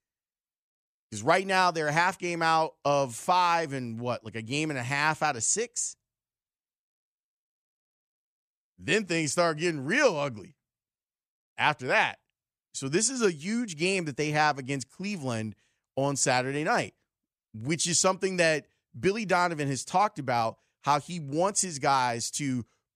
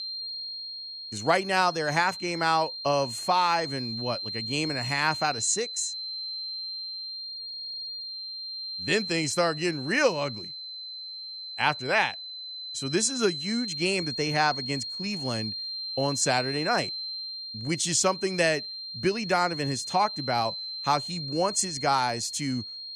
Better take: first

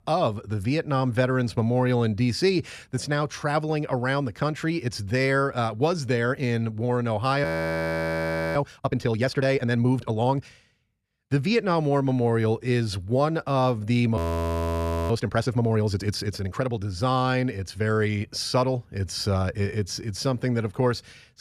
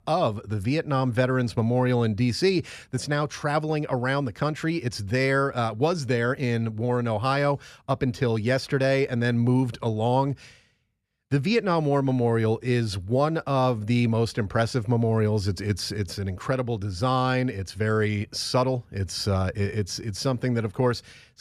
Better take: second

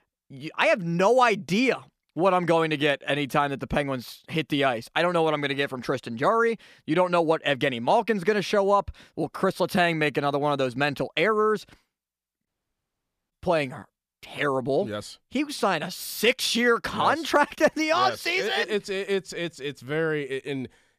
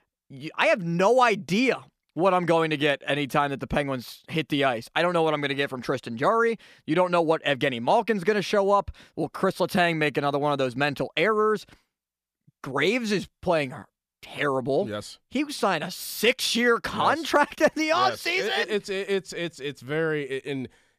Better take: second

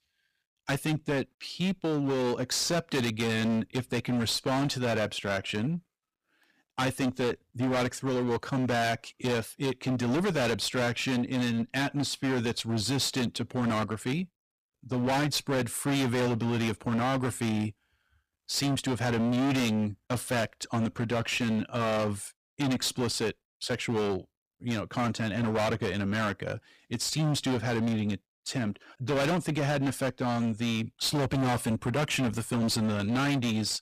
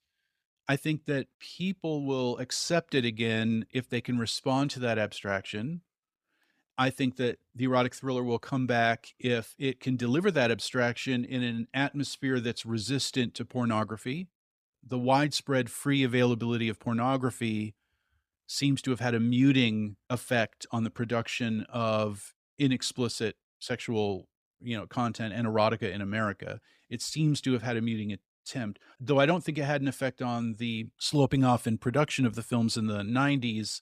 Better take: second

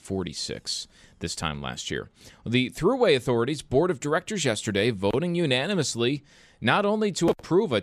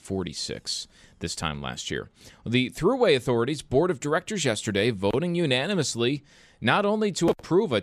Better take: neither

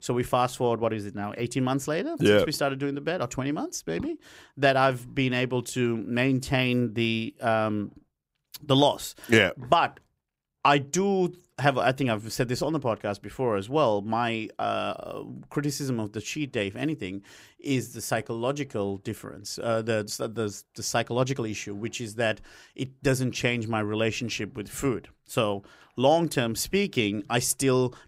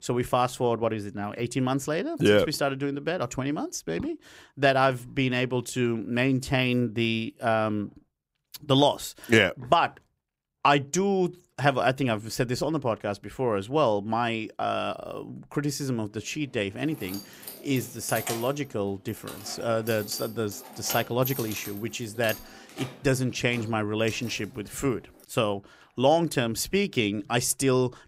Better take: first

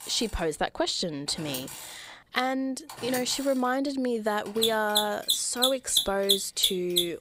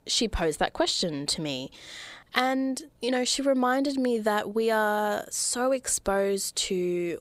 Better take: second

